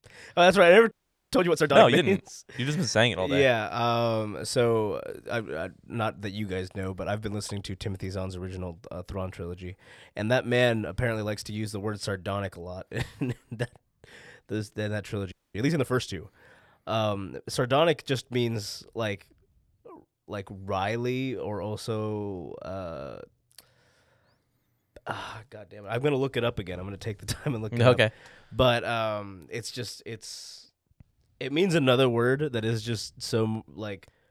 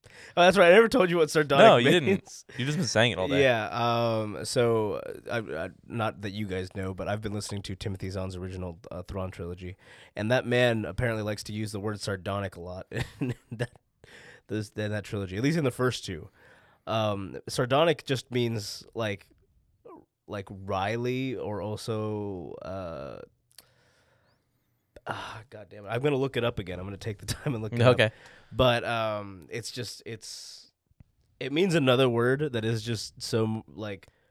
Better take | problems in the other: second | audio freezing; at 1 s and at 15 s

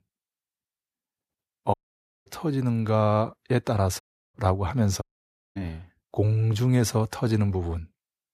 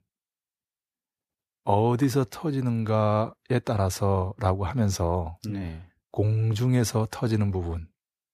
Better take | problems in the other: second | audio cutting out; at 1.5 s for 0.5 s, at 4 s and at 5 s for 0.5 s

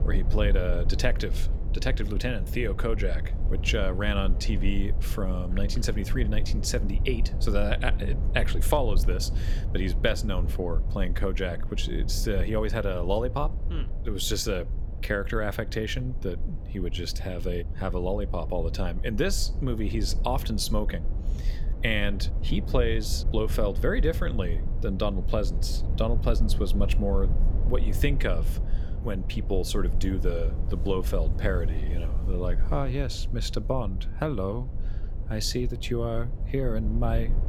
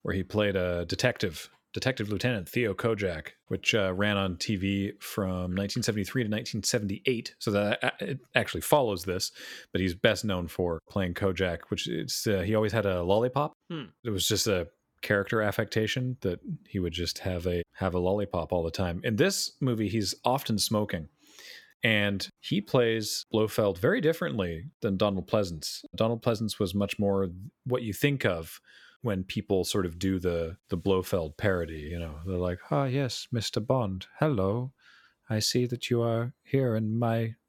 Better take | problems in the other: second | low rumble; noticeable; throughout; 15 dB below the speech

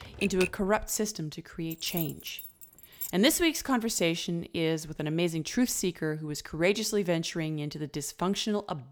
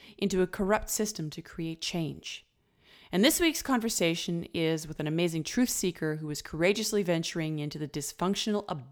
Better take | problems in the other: second | keyboard typing; noticeable; at the start; peak 4 dB below the speech // jangling keys; noticeable; from 1.5 to 3 s; peak 7 dB below the speech

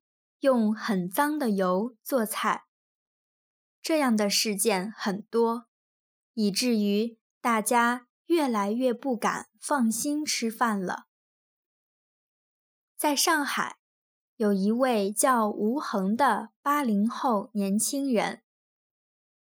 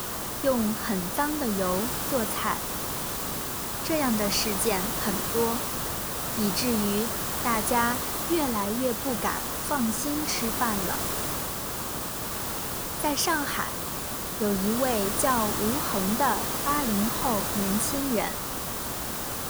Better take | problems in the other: first | hiss; loud; throughout; as loud as the speech

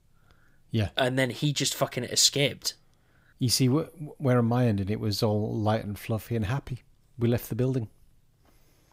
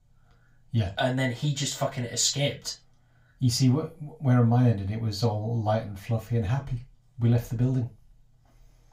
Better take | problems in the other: first | room echo; slight; dies away in 0.2 s // off-mic speech; far

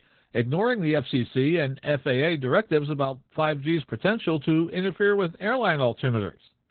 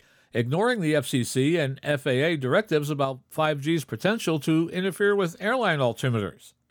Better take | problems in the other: second | garbled, watery; badly; nothing above 4 kHz

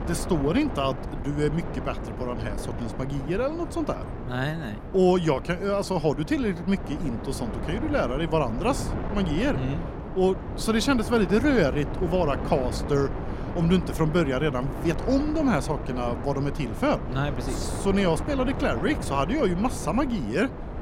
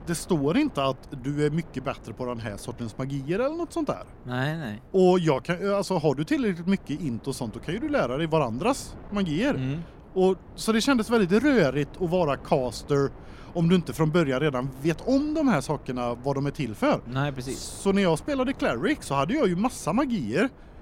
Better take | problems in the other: second | wind noise on the microphone; heavy; 9 dB below the speech; occasional gusts in the second

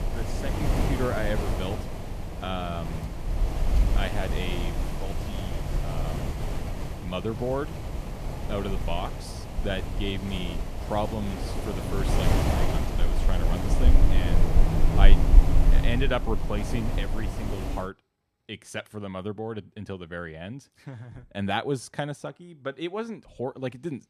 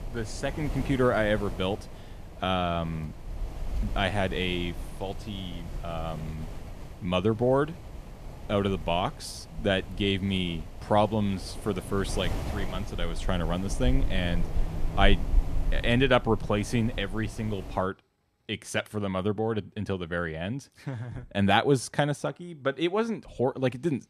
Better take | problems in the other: second | wind noise on the microphone; heavy; until 18 s; 2 dB below the speech; occasional gusts in the second

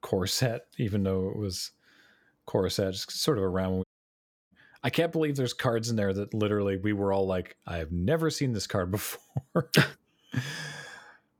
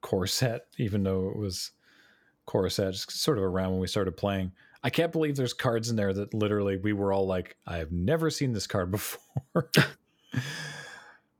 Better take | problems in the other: second | audio cutting out; at 4 s for 0.5 s

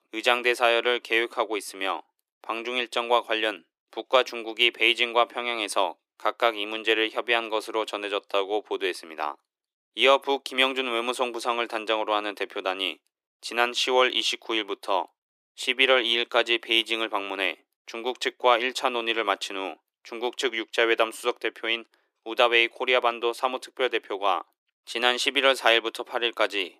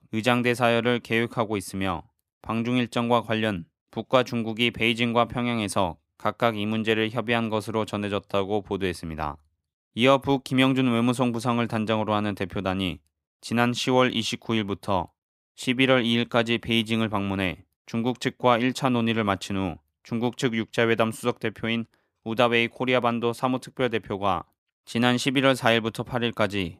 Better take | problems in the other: second | thin; very; fading below 350 Hz

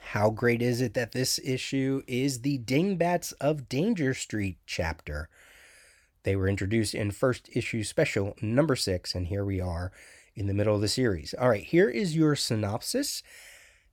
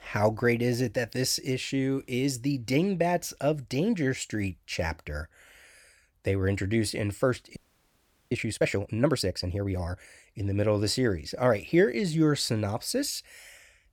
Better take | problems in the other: first | audio freezing; at 7.5 s for 1 s

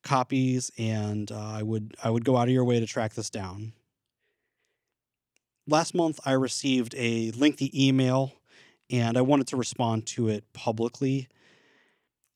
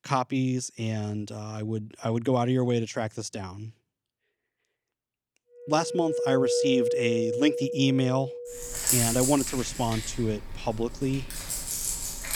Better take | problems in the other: first | background music; loud; from 6 s on; 1 dB below the speech

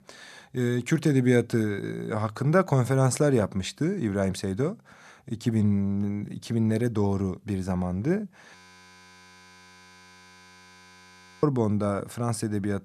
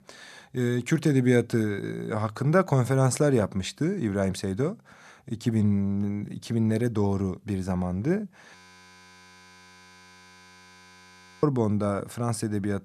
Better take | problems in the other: neither | audio freezing; at 8.5 s for 3 s; the same in both

